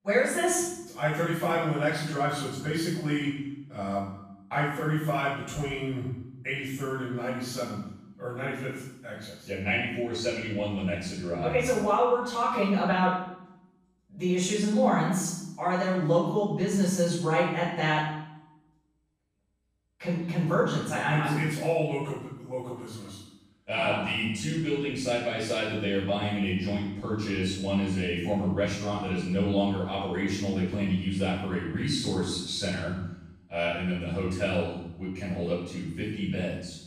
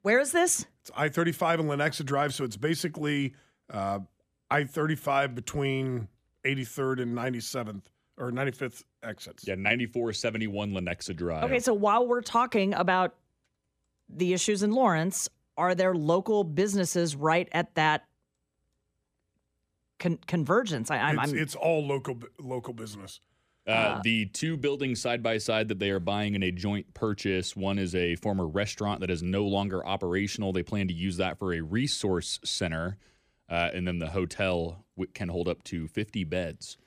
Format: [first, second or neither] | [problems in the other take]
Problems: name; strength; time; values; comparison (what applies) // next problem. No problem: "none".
second | off-mic speech; far // room echo; strong; dies away in 0.8 s